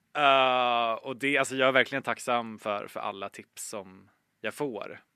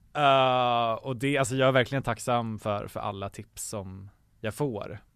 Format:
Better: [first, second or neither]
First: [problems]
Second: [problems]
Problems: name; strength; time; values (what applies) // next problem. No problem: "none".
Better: second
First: thin; very slightly; fading below 250 Hz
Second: none